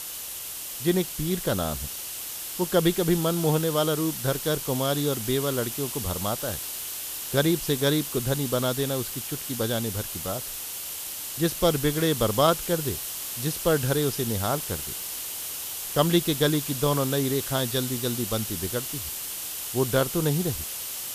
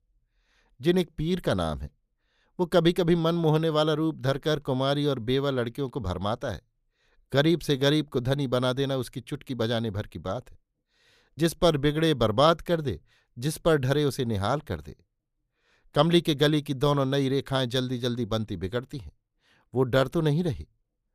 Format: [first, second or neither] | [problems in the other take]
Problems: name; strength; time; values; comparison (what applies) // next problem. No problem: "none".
second | hiss; loud; throughout; 5 dB below the speech